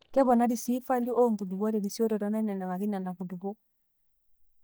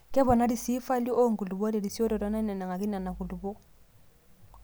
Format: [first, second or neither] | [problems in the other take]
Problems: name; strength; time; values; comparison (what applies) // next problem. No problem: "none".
second | noise reduction (neural mask model DeepFilterNet 3)